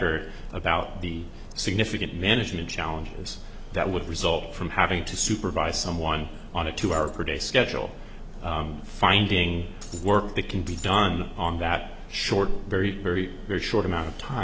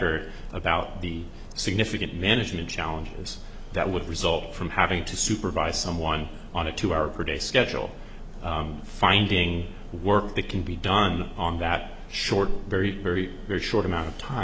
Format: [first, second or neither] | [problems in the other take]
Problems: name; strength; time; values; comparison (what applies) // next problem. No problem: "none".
second | background sound (Shatter); 19 dB below the speech